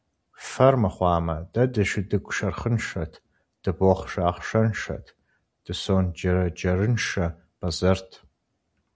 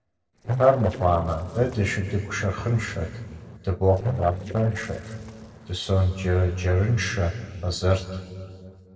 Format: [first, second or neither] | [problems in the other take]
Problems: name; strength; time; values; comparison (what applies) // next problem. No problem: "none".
first | noise reduction (neural separator model SepFormer DNS4)